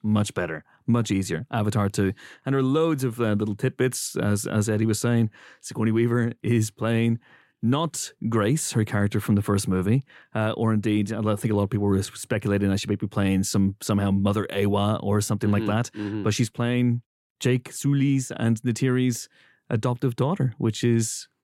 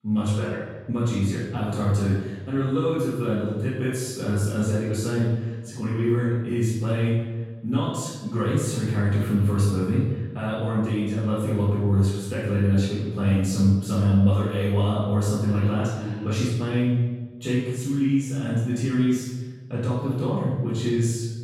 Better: first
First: none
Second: room echo; strong; dies away in 1.2 s // off-mic speech; far

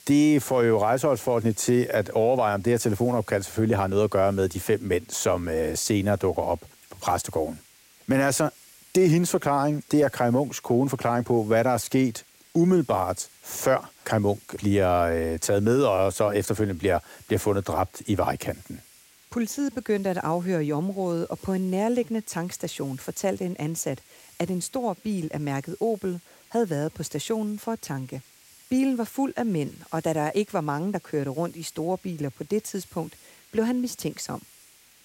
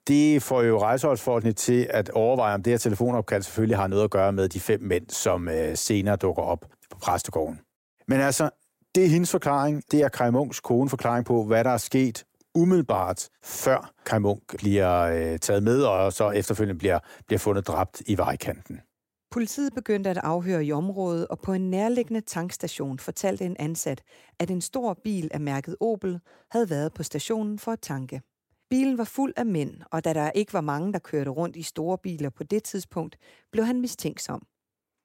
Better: second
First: hiss; faint; throughout; 25 dB below the speech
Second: none

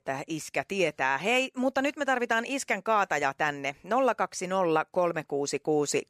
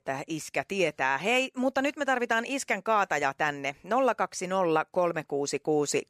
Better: neither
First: none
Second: none

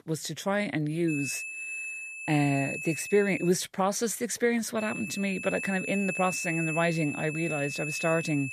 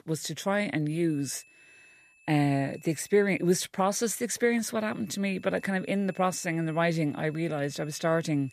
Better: second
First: high-pitched whine; loud; from 1 to 3.5 s and from 5 s on; 2.5 kHz, 5 dB below the speech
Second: high-pitched whine; faint; from 1 to 3.5 s and from 5 s on; 2.5 kHz, 25 dB below the speech

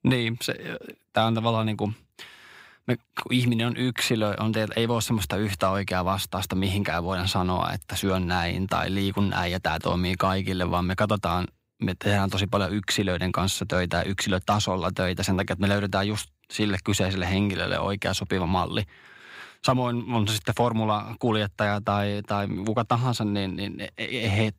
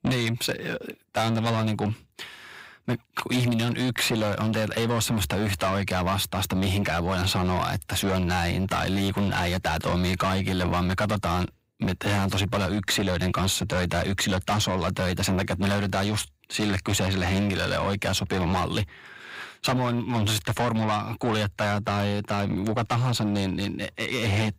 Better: first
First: none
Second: distortion; heavy; 8 dB below the speech

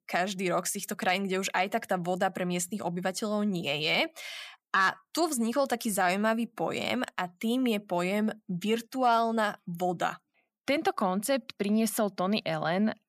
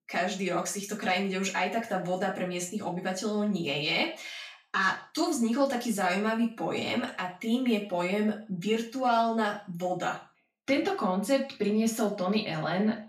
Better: first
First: none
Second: room echo; slight; dies away in 0.4 s // off-mic speech; far

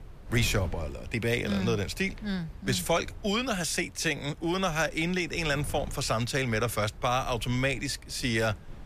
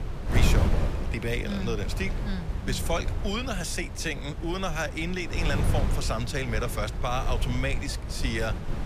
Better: first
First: wind noise on the microphone; occasional gusts; 25 dB below the speech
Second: wind noise on the microphone; heavy; 7 dB below the speech

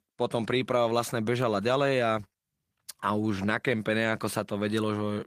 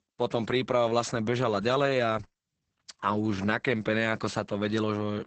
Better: first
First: garbled, watery; slightly; nothing above 15 kHz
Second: garbled, watery; badly; nothing above 8 kHz

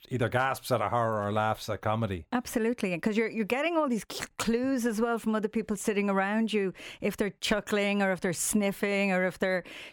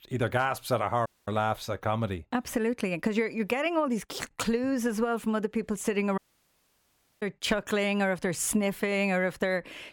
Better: first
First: none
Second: audio cutting out; at 1 s and at 6 s for 1 s

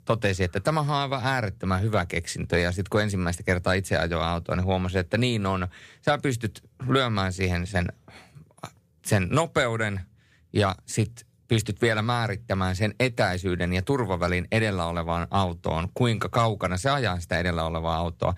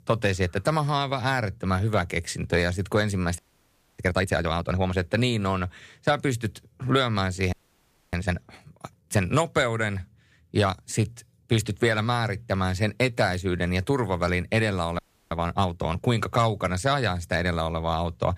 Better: first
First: none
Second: audio freezing; at 3.5 s for 0.5 s, at 7.5 s for 0.5 s and at 15 s

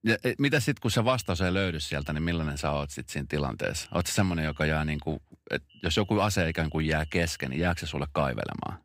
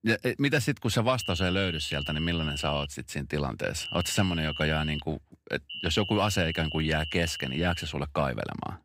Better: first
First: high-pitched whine; faint; from 1 to 3 s, from 4 to 5 s and from 5.5 to 8 s; 3 kHz, 25 dB below the speech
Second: high-pitched whine; loud; from 1 to 3 s, from 4 to 5 s and from 5.5 to 8 s; 3 kHz, 6 dB below the speech

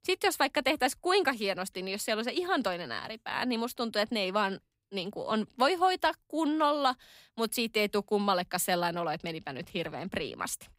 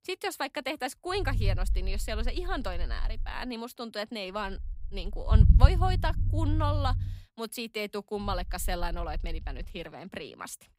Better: first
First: none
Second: low rumble; loud; from 1.5 to 3.5 s, from 4.5 to 7 s and from 8.5 to 9.5 s; 9 dB below the speech

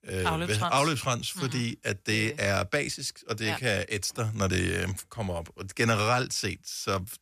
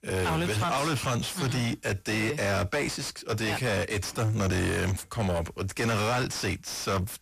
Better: first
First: none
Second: distortion; heavy; 5 dB below the speech

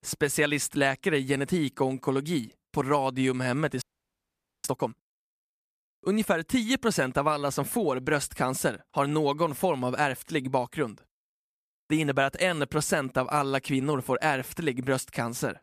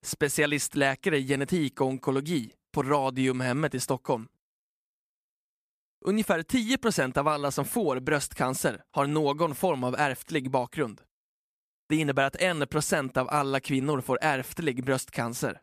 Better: second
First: audio freezing; at 4 s for 1 s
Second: none

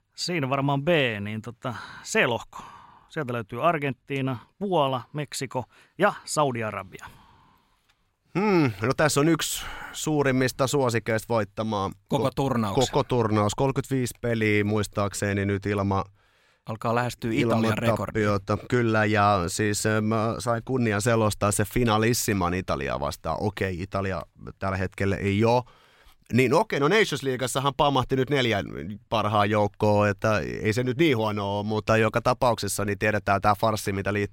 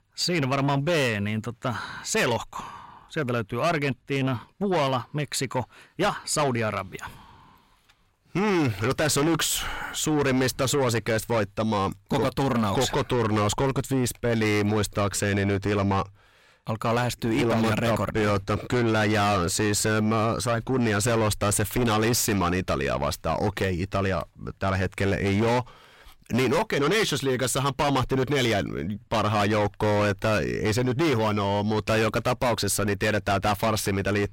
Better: first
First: none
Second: distortion; heavy; 7 dB below the speech

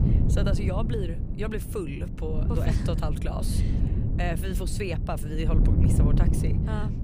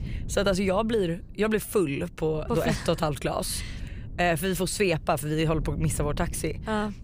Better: second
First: wind noise on the microphone; heavy; 3 dB below the speech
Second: wind noise on the microphone; occasional gusts; 25 dB below the speech

